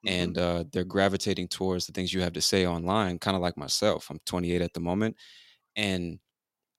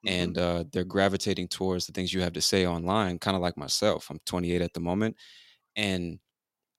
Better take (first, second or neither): neither